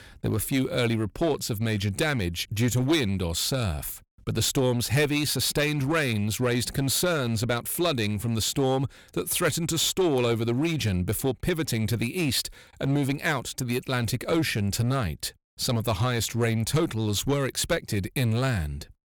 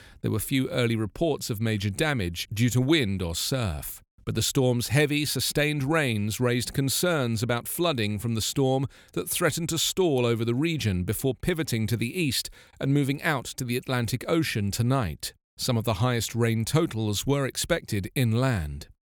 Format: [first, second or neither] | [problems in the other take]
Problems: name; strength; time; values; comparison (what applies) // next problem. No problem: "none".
second | distortion; slight; 8% of the sound clipped